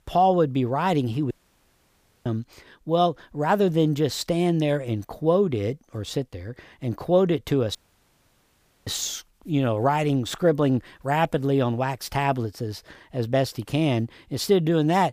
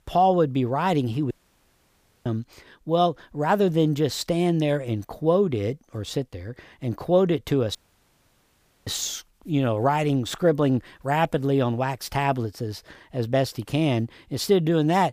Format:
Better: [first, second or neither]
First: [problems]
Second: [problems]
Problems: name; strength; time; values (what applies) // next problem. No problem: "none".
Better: neither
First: audio cutting out; at 1.5 s for 1 s and at 8 s for 1 s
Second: audio cutting out; at 1.5 s for 1 s and at 8 s for 1 s